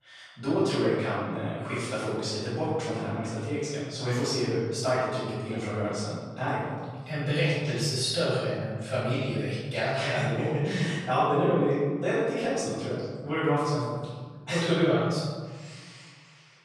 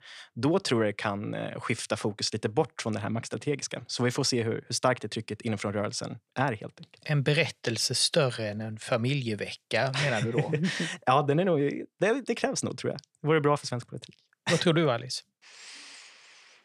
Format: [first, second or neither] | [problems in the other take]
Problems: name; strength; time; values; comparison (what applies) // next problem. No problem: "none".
second | off-mic speech; far // room echo; strong; dies away in 1.6 s